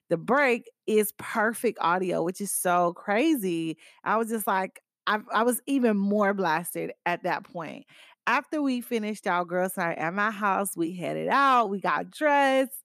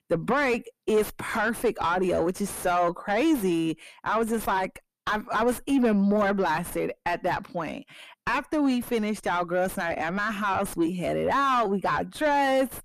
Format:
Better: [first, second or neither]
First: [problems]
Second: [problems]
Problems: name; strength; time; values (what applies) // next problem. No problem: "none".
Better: first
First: none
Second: distortion; heavy; 4 dB below the speech